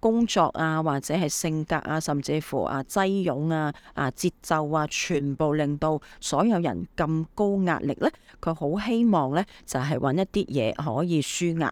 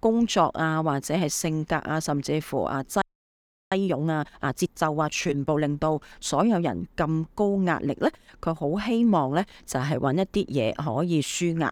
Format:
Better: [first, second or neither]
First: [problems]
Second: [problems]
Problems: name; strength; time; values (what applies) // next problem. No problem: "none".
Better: first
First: none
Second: audio freezing; at 3 s for 0.5 s